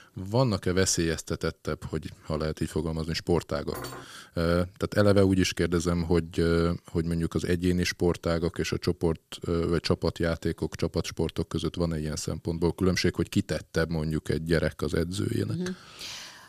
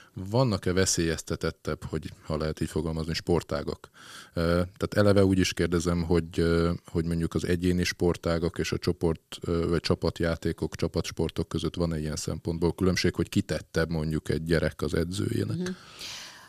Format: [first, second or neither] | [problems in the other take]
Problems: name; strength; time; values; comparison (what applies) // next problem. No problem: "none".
second | clattering dishes; faint; at 3.5 s; peak 10 dB below the speech